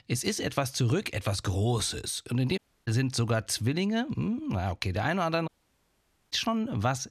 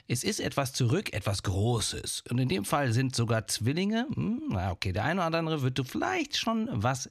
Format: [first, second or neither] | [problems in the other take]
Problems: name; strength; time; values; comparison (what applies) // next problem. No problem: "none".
second | audio cutting out; at 2.5 s and at 5.5 s for 1 s